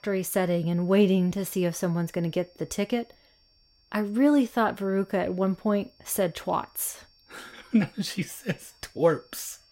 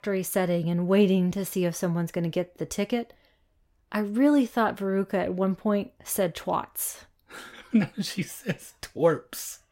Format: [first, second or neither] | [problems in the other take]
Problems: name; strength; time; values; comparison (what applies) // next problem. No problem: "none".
second | high-pitched whine; faint; throughout; 5.5 kHz, 35 dB below the speech